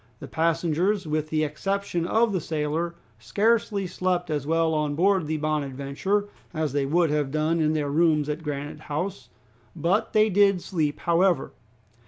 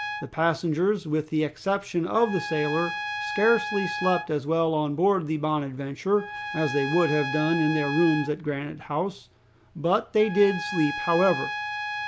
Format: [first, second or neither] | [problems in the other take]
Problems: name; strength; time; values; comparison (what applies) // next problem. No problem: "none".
first | background sound (Trumpet); 9 dB below the speech